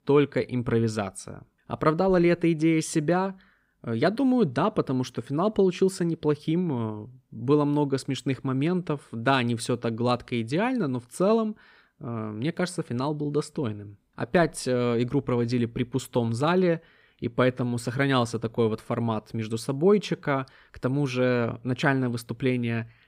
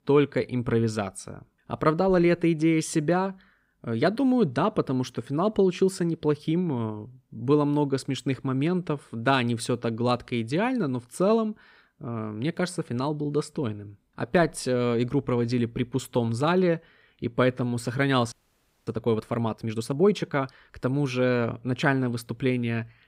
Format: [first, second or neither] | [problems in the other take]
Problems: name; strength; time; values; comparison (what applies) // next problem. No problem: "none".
first | audio freezing; at 18 s for 0.5 s